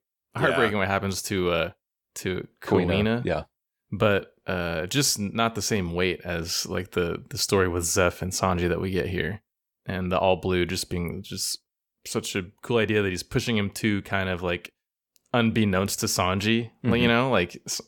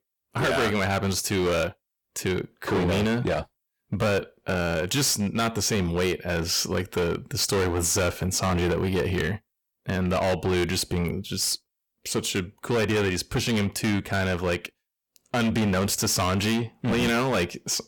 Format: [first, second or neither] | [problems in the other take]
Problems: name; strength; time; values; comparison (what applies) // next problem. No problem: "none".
first | distortion; heavy; 17% of the sound clipped